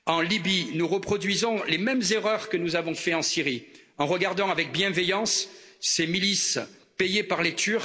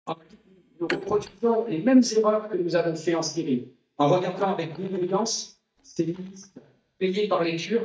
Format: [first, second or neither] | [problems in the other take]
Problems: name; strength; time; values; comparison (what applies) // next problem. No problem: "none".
first | noise reduction (neural mask model DeepFilterNet 3)